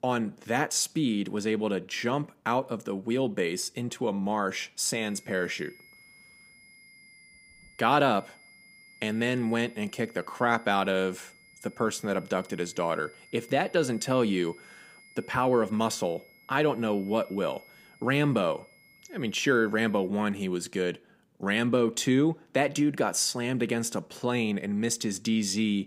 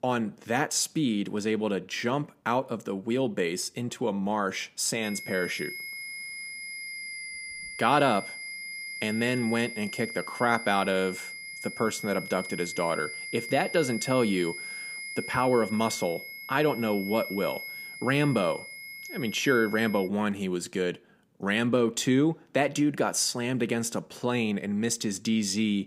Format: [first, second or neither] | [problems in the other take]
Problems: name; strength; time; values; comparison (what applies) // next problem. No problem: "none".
first | high-pitched whine; loud; from 5 to 20 s; 2 kHz, 9 dB below the speech; faint in the first